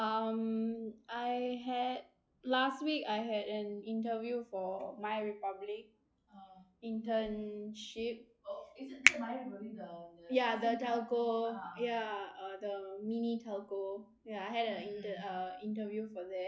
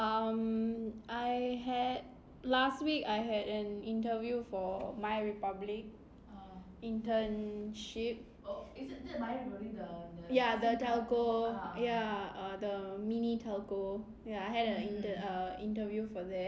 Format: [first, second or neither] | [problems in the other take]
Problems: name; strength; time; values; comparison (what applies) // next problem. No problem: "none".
second | noise reduction (classical method log-MMSE)